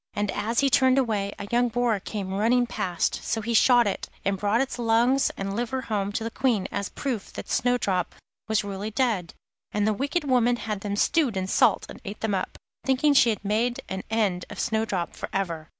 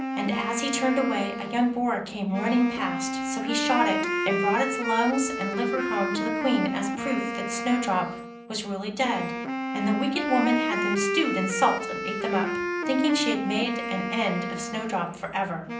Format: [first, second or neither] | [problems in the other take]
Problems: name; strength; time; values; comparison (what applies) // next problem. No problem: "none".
first | background sound (Wind instrument, woodwind instrument); 3 dB below the speech // room echo; dies away in 0.6 s